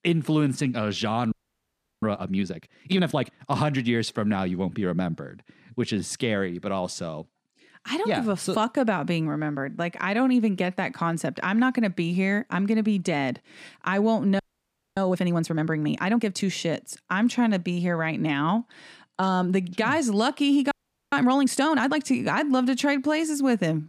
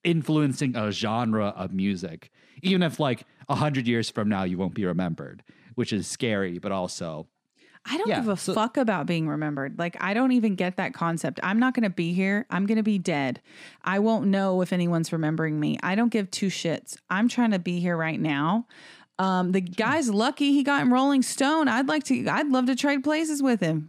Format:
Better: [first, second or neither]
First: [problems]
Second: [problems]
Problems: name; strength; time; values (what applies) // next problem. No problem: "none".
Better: second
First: audio freezing; at 1.5 s for 0.5 s, at 14 s for 0.5 s and at 21 s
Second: none